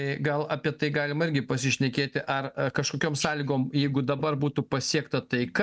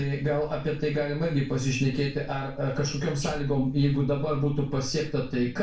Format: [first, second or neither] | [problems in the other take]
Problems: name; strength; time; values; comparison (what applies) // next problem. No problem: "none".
first | background sound (Clock); 13 dB below the speech // room echo; dies away in 0.3 s